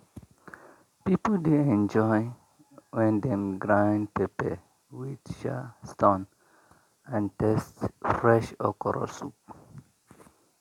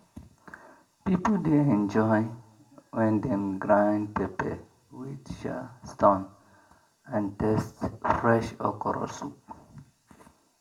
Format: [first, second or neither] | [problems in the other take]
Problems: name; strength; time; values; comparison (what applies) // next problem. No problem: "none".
first | room echo; dies away in 0.3 s